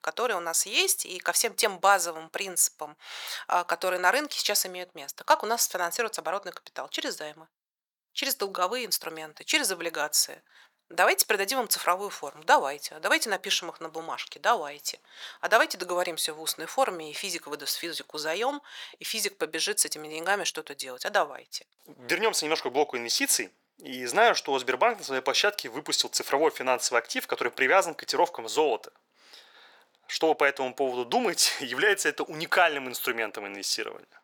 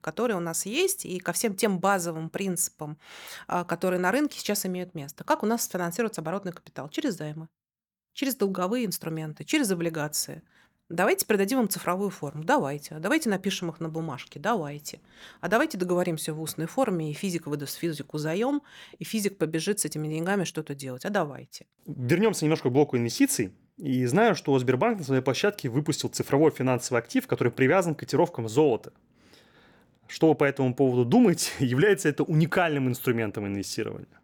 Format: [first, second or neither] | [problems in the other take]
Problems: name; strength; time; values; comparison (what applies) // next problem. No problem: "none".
second | thin; very; fading below 750 Hz